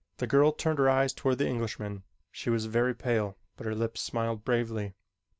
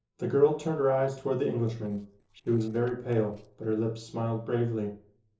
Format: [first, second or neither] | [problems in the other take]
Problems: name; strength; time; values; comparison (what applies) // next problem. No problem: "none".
first | noise reduction (neural separator model SepFormer DNS4)